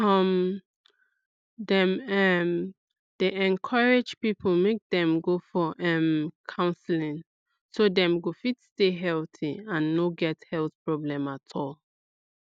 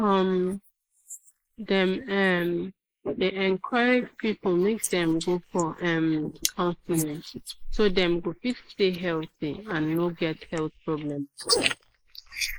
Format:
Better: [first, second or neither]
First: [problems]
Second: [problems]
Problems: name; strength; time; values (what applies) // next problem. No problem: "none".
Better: first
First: none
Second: noise reduction (neural mask model Resemble Enhance denoiser)